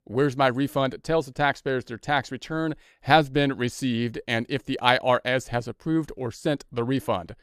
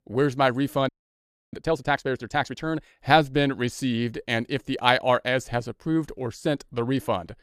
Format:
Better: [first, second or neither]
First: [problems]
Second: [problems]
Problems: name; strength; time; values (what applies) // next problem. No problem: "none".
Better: first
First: none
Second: audio freezing; at 1 s for 0.5 s